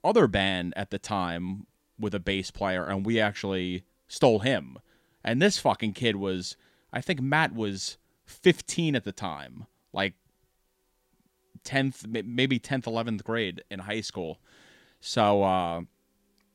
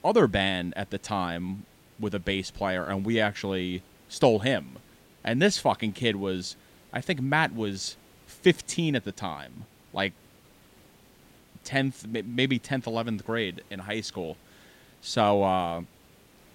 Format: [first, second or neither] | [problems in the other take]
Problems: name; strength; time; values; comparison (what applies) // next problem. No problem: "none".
first | hiss; faint; throughout; 30 dB below the speech